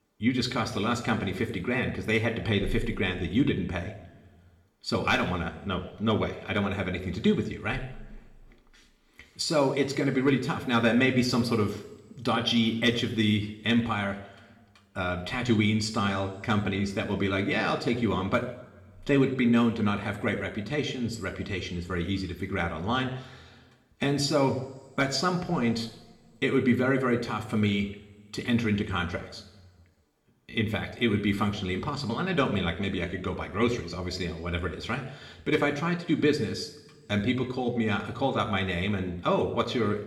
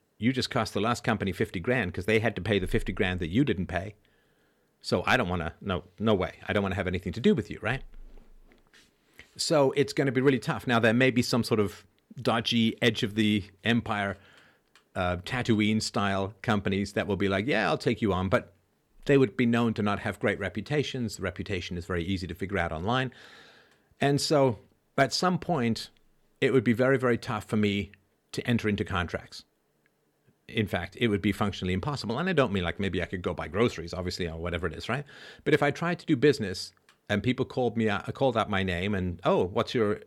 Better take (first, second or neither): second